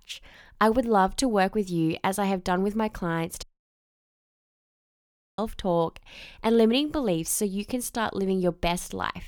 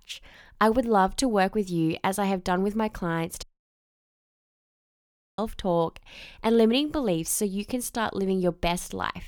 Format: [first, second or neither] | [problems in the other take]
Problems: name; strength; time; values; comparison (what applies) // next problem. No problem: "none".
neither | audio cutting out; at 3.5 s for 2 s; the same in both